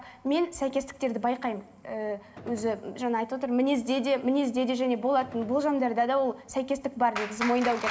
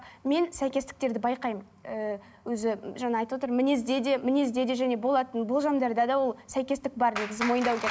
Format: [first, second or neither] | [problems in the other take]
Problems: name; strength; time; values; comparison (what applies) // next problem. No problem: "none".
second | background sound (Gunshot, gunfire); 19 dB below the speech // room echo; dies away in 2.2 s